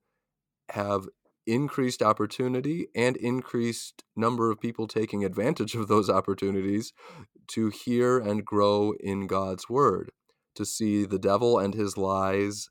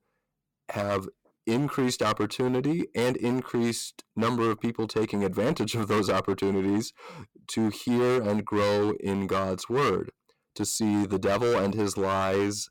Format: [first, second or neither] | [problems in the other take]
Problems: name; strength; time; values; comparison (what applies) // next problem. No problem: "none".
first | distortion; heavy; 13% of the sound clipped